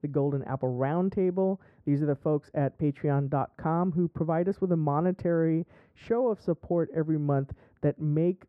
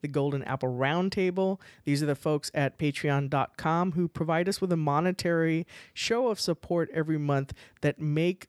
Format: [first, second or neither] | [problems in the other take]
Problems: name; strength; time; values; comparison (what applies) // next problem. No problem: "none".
second | muffled; very; fading above 2 kHz